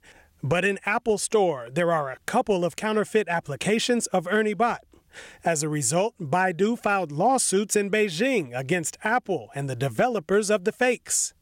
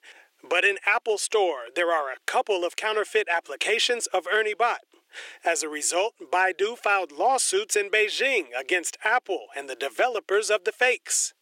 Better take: first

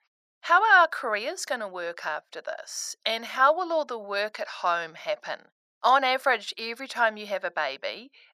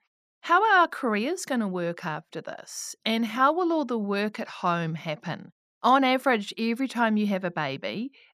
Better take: second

